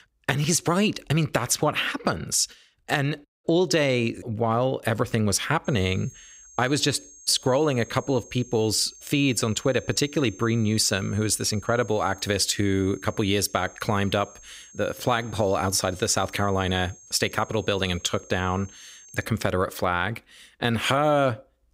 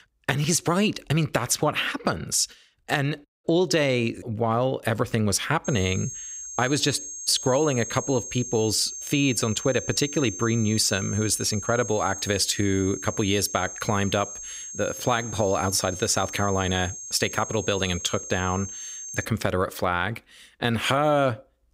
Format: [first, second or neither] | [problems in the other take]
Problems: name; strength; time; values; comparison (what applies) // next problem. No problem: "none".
first | high-pitched whine; loud; from 5.5 to 19 s; 6.5 kHz, 9 dB below the speech; faint in the first